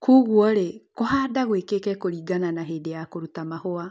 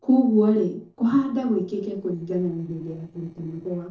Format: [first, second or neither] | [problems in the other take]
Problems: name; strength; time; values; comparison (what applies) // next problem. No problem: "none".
first | noise reduction (neural separator model SepFormer DNS4)